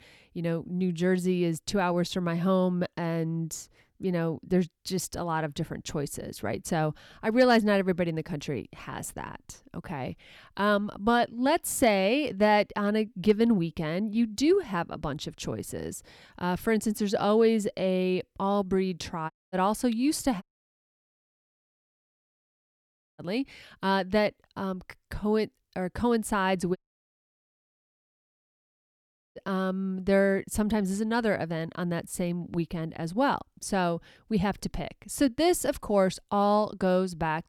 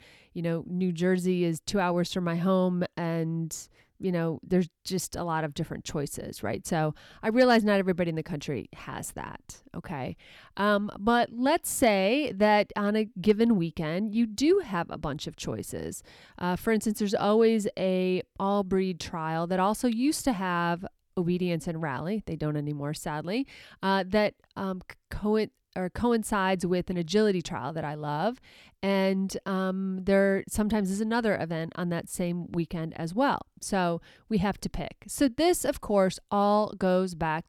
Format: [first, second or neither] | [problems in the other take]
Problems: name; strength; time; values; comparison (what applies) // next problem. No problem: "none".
second | audio cutting out; at 19 s, at 20 s for 3 s and at 27 s for 2.5 s